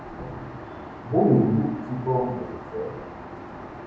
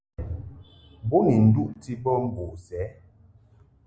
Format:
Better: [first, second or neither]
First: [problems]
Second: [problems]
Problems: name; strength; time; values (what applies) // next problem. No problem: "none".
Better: second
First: background sound (Aircraft); 12 dB below the speech // room echo; dies away in 2 s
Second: none